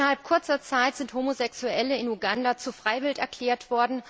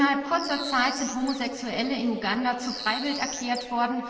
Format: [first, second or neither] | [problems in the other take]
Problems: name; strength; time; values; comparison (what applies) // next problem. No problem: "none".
first | background sound (Bird); 11 dB below the speech // room echo; dies away in 2 s